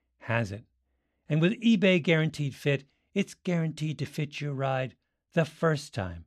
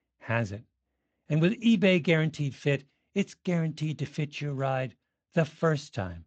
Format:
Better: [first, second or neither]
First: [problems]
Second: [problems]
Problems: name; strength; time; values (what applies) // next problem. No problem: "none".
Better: first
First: none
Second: garbled, watery; slightly; nothing above 7.5 kHz